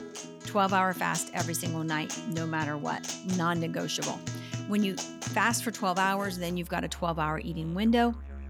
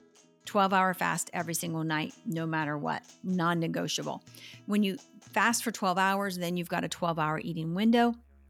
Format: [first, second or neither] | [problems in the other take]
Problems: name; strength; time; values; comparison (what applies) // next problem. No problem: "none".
second | background music; loud; throughout; 10 dB below the speech; faint in the second